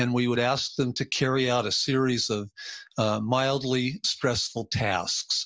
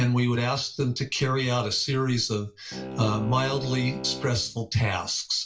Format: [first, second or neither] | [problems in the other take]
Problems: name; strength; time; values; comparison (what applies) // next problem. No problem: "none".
first | background sound (Bowed string instrument); 12 dB below the speech // room echo; dies away in 0.2 s